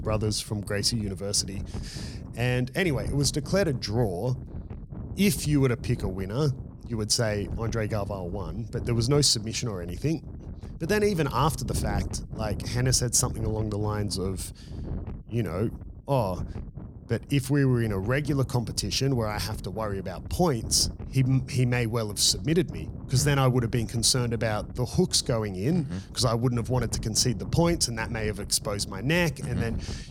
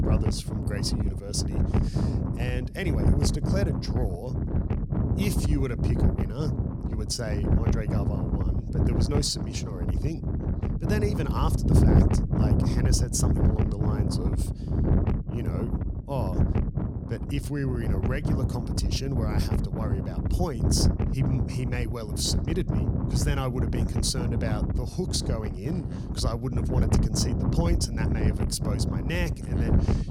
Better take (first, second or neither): first